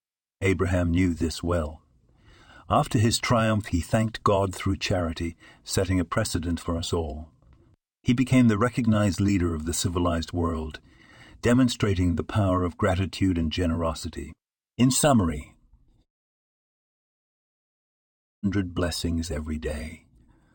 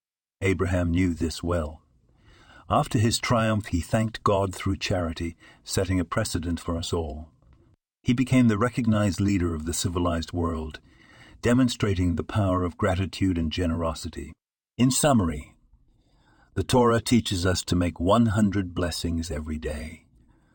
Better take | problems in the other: second | audio cutting out; at 16 s for 2.5 s

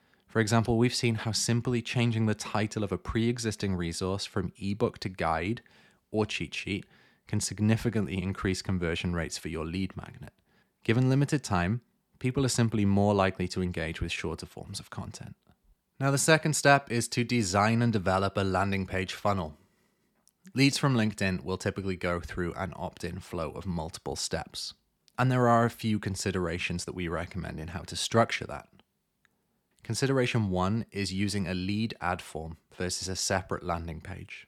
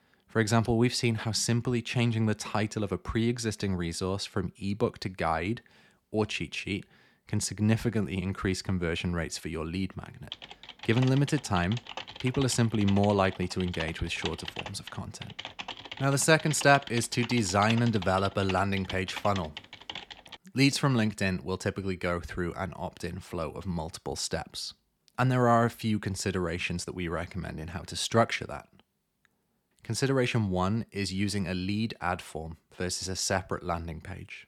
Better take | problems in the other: first | keyboard typing; noticeable; from 10 to 20 s; peak 7 dB below the speech

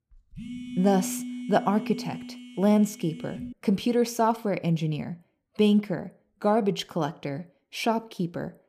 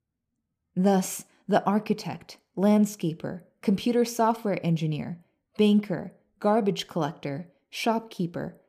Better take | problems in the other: second | phone ringing; noticeable; until 3.5 s; peak 7 dB below the speech

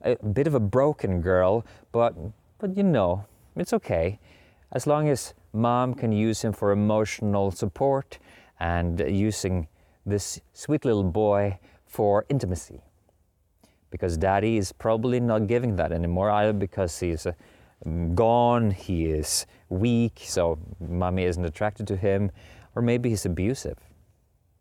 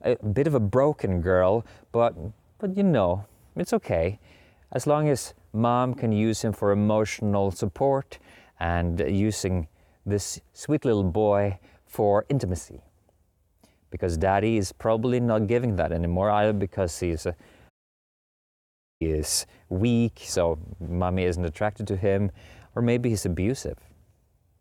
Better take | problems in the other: first | audio cutting out; at 18 s for 1.5 s

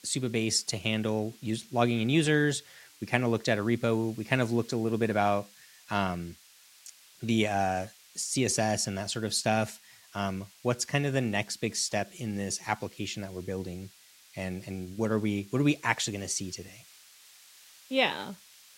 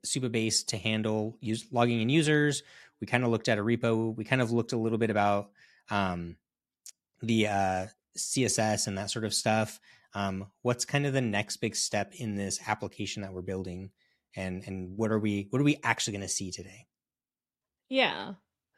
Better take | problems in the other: second | hiss; faint; throughout; 25 dB below the speech

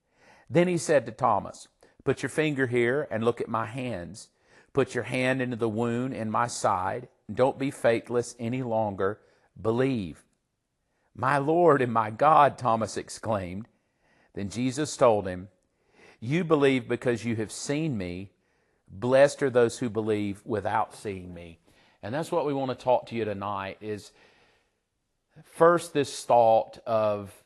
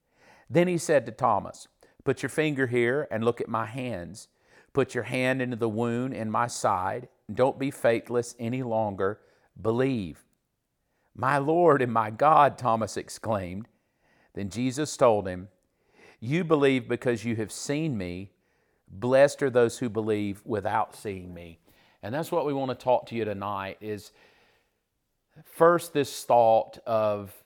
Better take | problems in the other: second | garbled, watery; slightly; nothing above 11 kHz

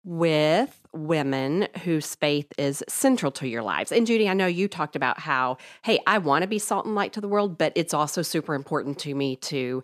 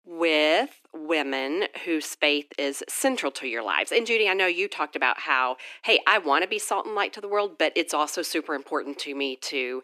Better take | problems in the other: first | thin; somewhat; fading below 300 Hz

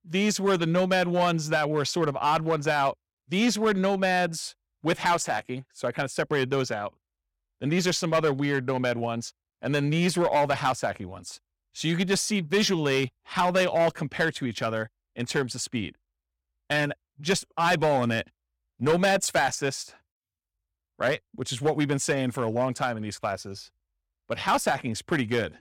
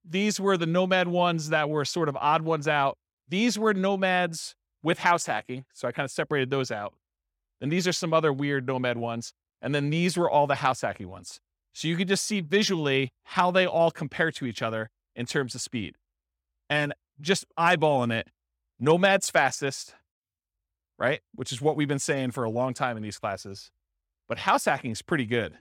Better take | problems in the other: second | distortion; slight; 4% of the sound clipped

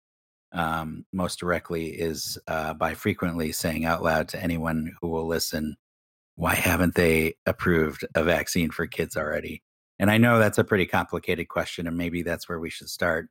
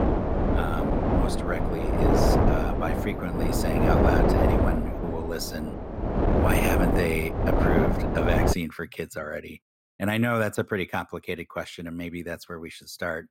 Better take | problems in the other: first | wind noise on the microphone; heavy; until 8.5 s; 3 dB above the speech

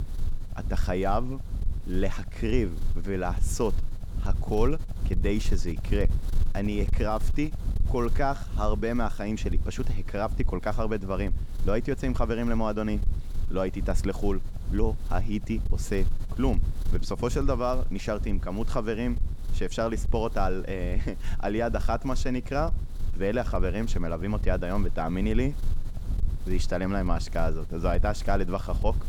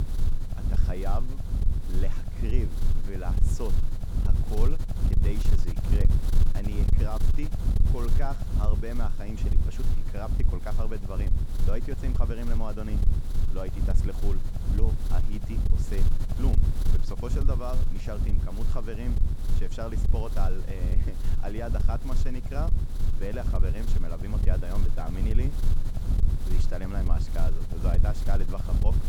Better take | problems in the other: first | wind noise on the microphone; heavy; 4 dB below the speech; occasional gusts in the first

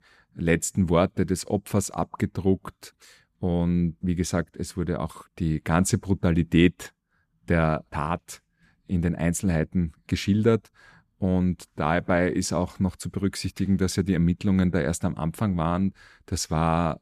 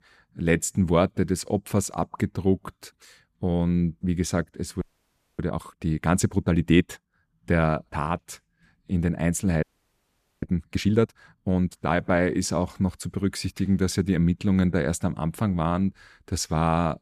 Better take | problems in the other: first | audio freezing; at 5 s for 0.5 s and at 9.5 s for 1 s

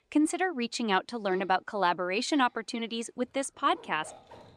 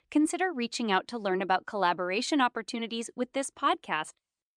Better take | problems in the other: second | household noises; faint; throughout; 25 dB below the speech

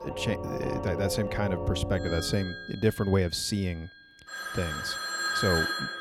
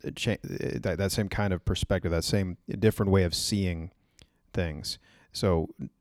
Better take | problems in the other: second | alarms or sirens; loud; throughout; 2 dB below the speech

